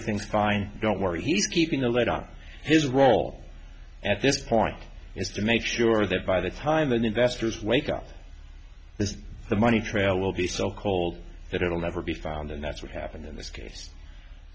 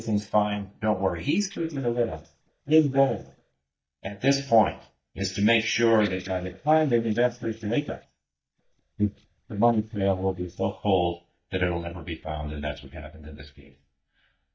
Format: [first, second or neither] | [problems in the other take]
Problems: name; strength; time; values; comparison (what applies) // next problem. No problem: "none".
first | noise reduction (neural mask model DeepFilterNet 3)